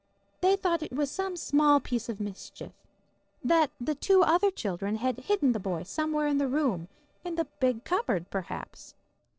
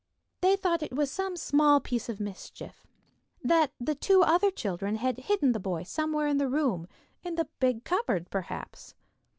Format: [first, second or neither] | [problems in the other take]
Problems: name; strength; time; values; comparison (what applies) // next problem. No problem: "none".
second | noise reduction (neural separator model SepFormer DNS4)